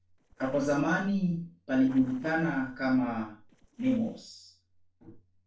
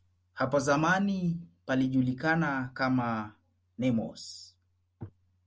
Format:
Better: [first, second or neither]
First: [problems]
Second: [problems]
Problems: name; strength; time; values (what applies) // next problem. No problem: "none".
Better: second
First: noise reduction (neural separator model SepFormer DNS4)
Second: none